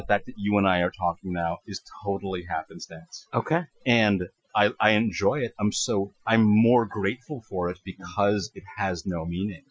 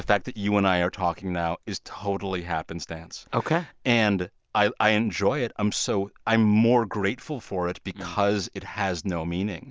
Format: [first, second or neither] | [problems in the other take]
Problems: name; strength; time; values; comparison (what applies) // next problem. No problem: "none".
second | noise reduction (classical method Wiener filter)